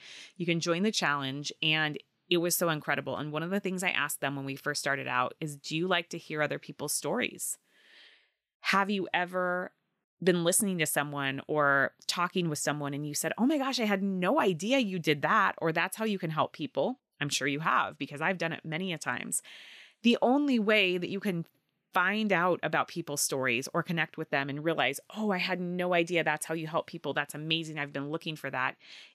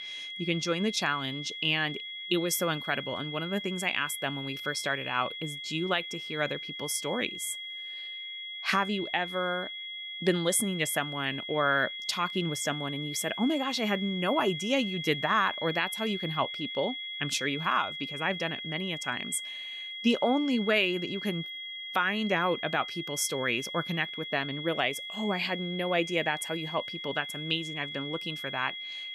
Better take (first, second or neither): first